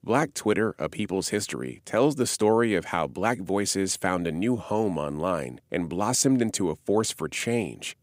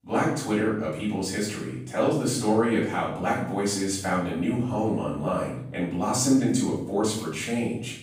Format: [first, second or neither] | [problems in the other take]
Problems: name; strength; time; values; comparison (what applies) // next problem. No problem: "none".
first | off-mic speech; far // room echo; noticeable; dies away in 0.7 s